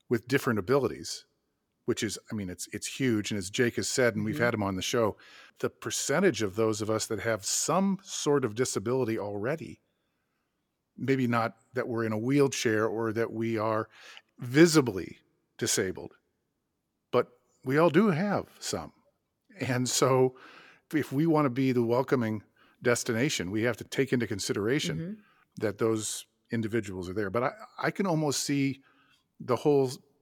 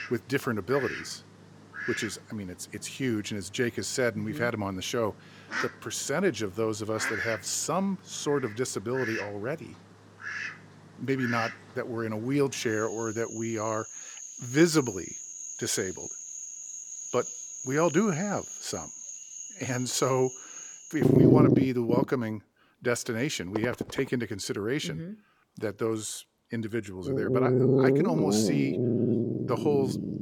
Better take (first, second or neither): first